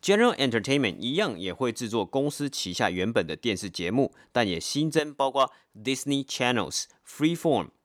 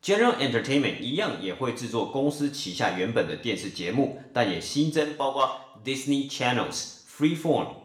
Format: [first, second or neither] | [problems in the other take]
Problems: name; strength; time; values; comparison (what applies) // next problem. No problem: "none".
first | room echo; slight; dies away in 0.6 s // off-mic speech; somewhat distant